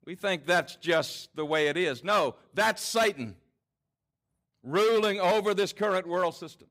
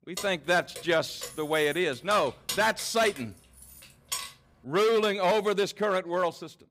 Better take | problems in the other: first | jangling keys; noticeable; until 4.5 s; peak 7 dB below the speech

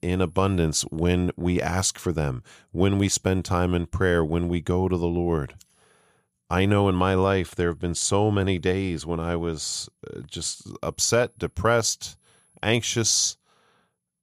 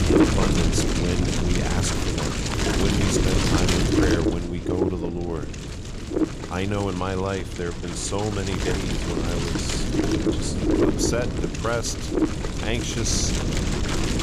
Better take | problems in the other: first | wind noise on the microphone; heavy; 2 dB above the speech

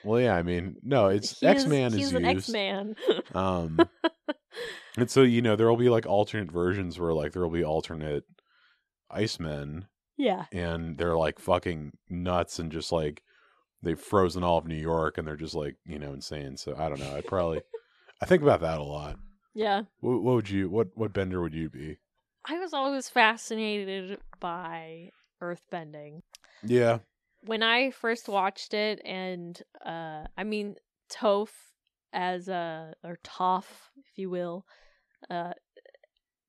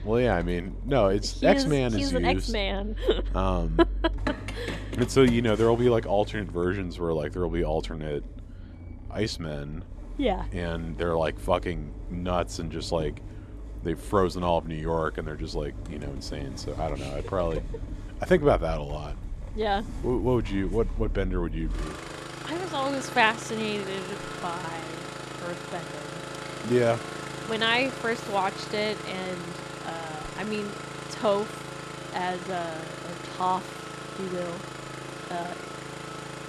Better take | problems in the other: first | traffic noise; loud; throughout; 9 dB below the speech

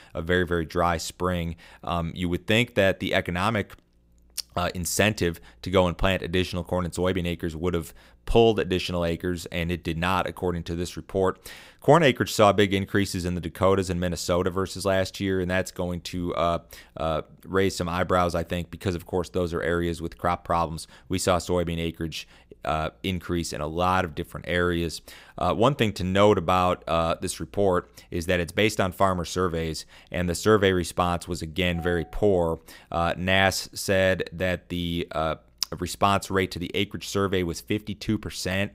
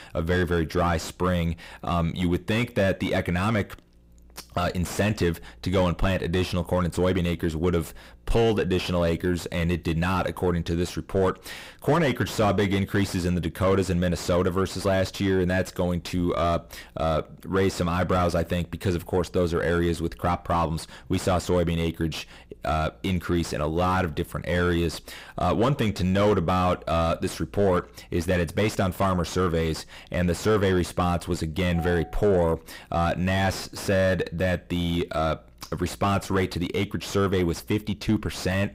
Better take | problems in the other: first | distortion; heavy; 6 dB below the speech

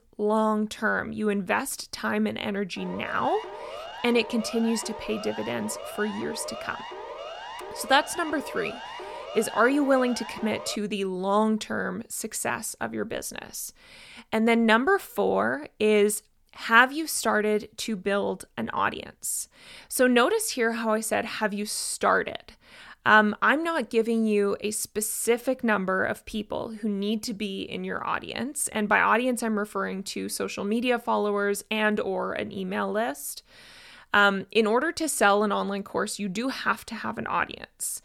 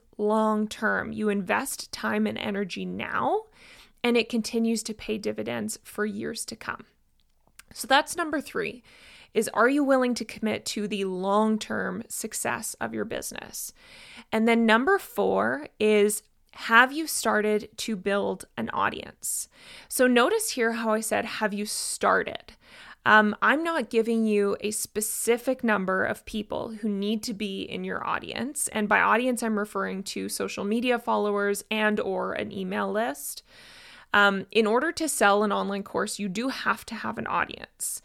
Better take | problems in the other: second | siren; faint; from 3 to 11 s; peak 10 dB below the speech

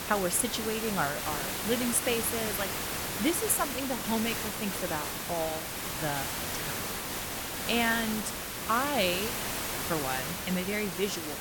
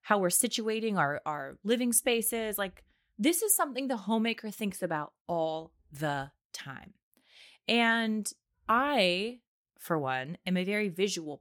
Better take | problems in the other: second | hiss; loud; throughout; 1 dB below the speech

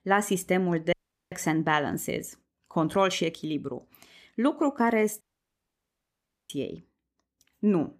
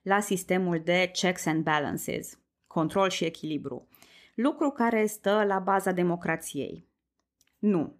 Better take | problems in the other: second | audio cutting out; at 1 s and at 5 s for 1.5 s

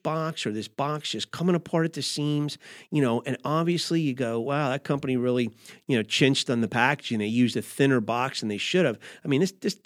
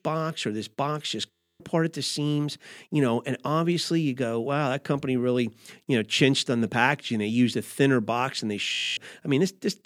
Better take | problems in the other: first | audio freezing; at 1.5 s and at 8.5 s

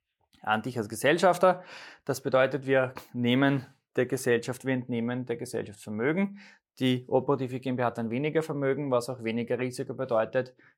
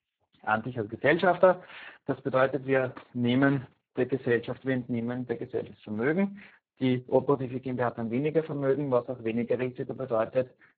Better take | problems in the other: first | garbled, watery; badly; nothing above 3.5 kHz

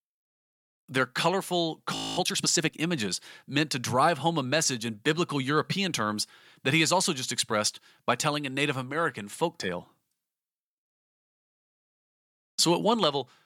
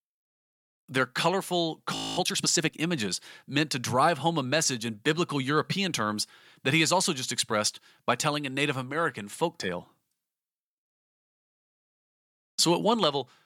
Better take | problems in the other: neither | audio freezing; at 2 s; the same in both

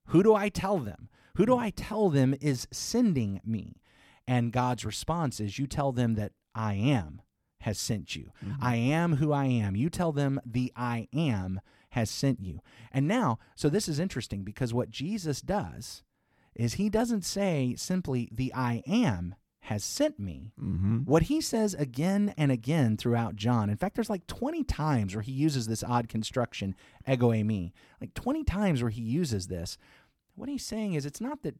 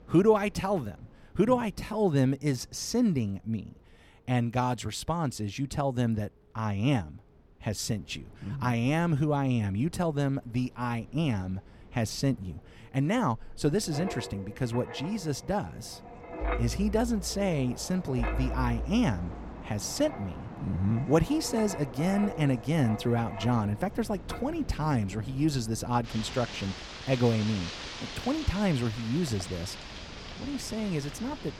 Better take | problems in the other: first | wind in the background; noticeable; throughout; 10 dB below the speech

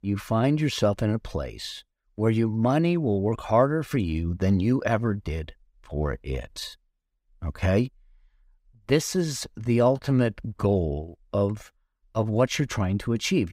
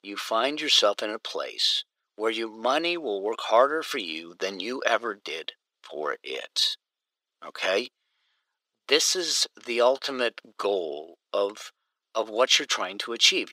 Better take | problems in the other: first | thin; very; fading below 400 Hz

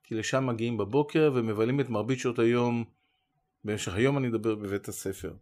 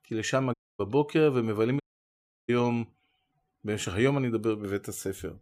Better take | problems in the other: first | audio cutting out; at 0.5 s and at 2 s for 0.5 s

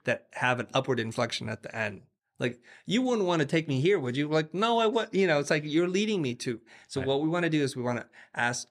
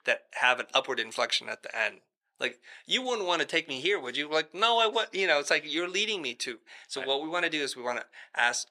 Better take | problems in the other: first | thin; very; fading below 550 Hz

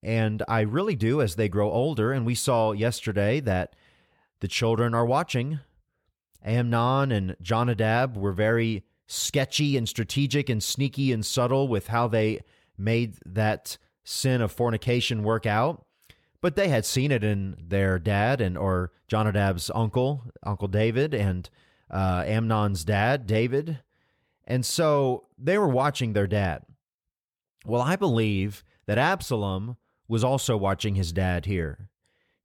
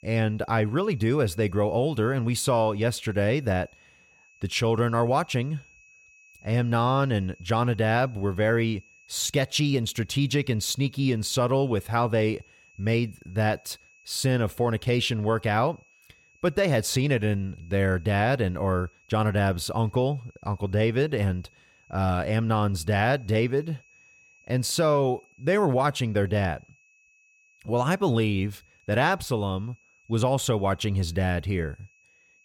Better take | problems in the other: first | high-pitched whine; faint; throughout; 2.5 kHz, 30 dB below the speech

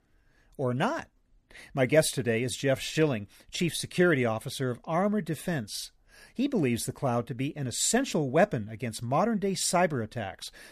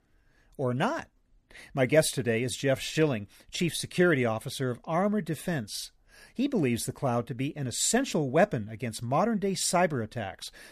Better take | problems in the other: neither | none

